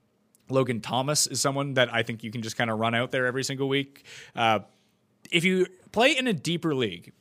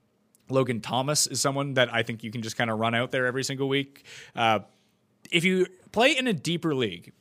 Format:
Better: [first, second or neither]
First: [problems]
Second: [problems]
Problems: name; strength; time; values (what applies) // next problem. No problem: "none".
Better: neither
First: none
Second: none